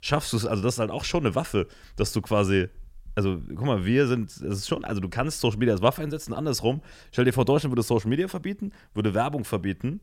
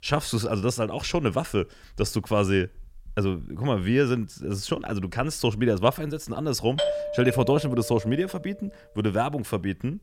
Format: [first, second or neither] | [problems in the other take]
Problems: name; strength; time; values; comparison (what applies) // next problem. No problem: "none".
first | doorbell; noticeable; from 7 to 8.5 s; peak level with the speech